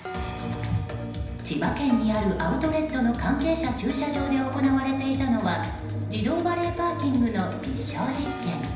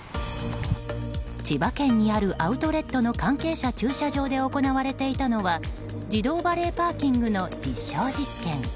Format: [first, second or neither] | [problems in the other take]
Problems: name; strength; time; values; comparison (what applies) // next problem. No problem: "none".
second | background sound (Dishes, pots, and pans); 19 dB below the speech // room echo; dies away in 0.9 s